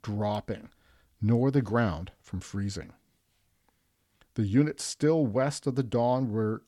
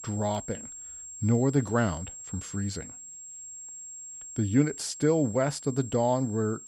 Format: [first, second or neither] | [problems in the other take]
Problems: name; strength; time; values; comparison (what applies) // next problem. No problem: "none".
first | high-pitched whine; noticeable; throughout; 7.5 kHz, 15 dB below the speech